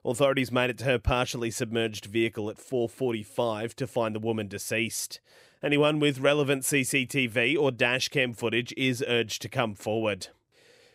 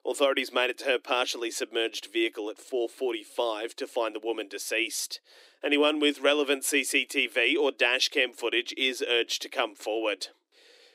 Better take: first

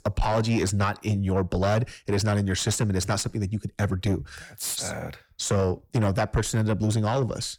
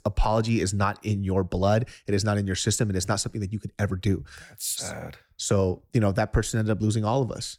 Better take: second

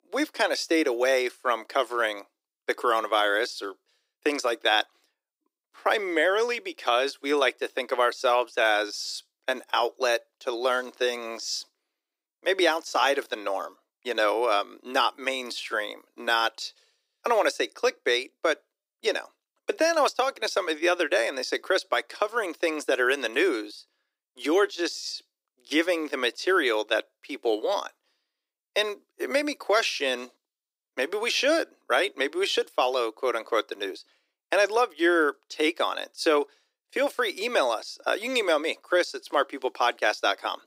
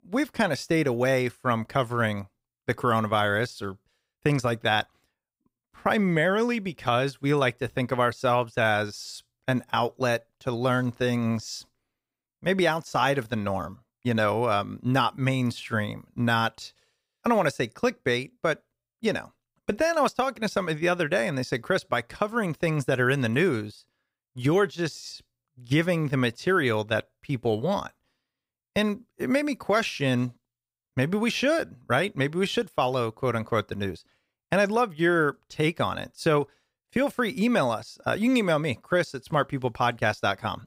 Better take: second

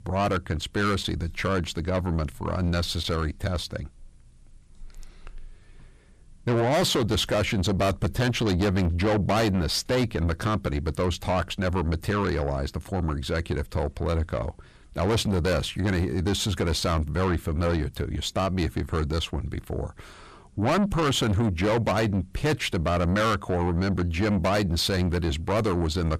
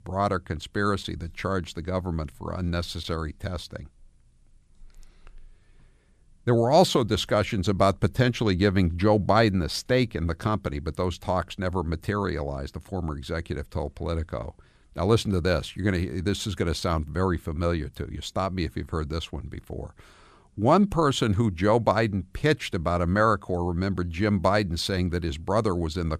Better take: second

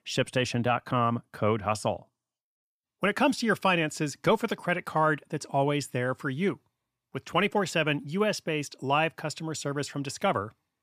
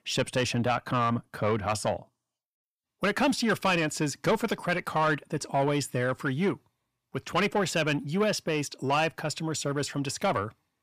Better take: first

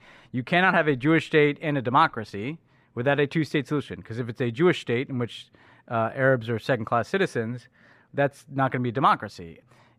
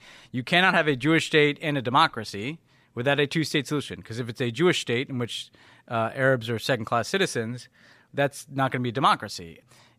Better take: second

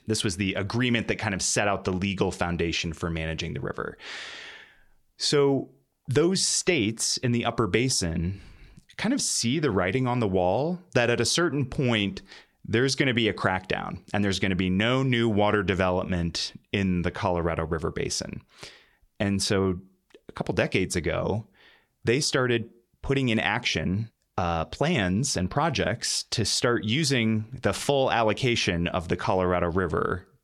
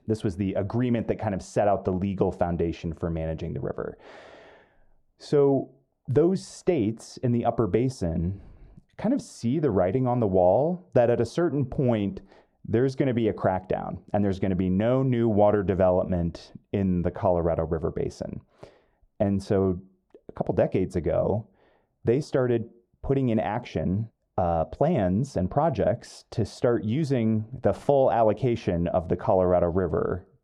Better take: first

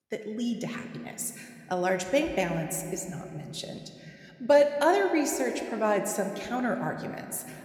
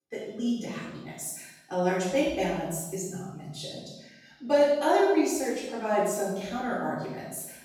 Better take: first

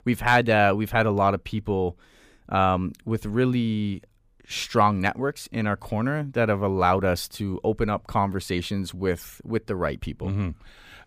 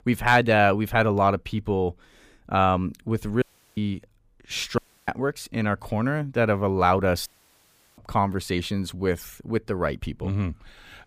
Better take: first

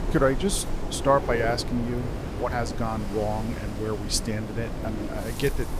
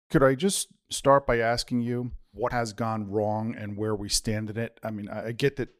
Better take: second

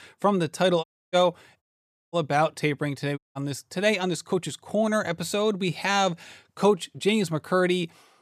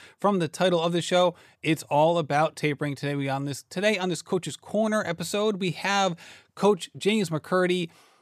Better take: second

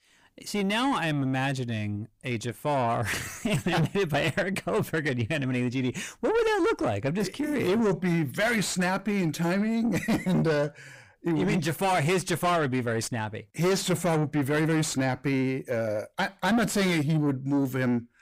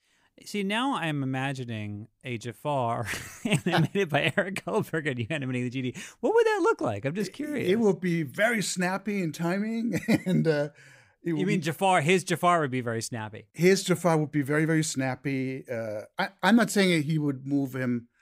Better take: second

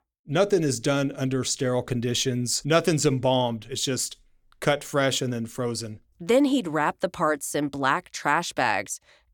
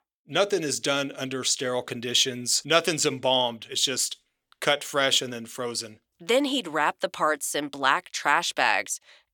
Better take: first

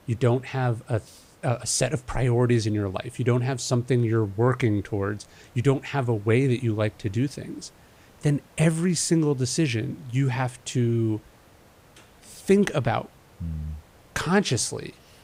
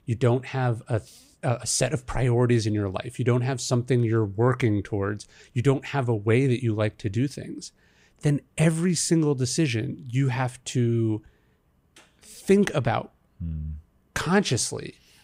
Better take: second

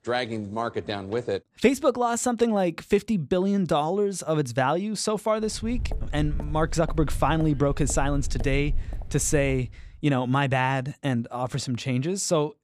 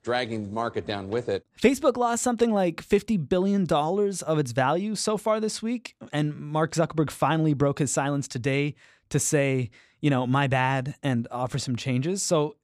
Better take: second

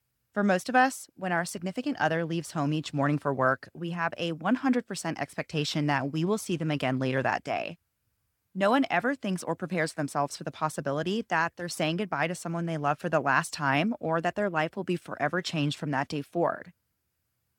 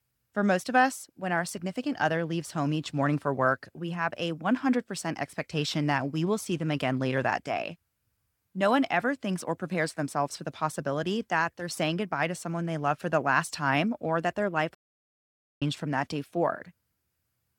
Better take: first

